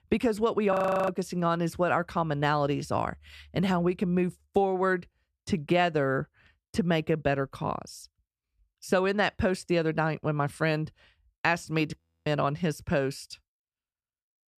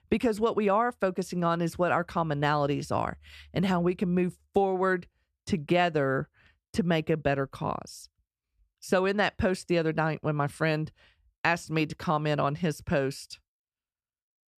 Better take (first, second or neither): second